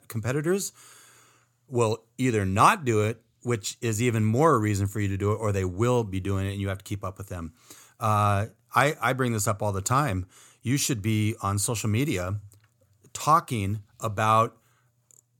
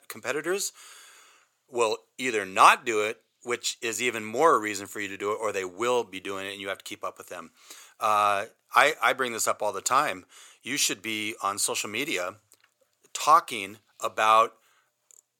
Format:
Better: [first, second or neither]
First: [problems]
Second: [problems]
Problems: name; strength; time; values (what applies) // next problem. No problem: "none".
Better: first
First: none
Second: thin; very; fading below 500 Hz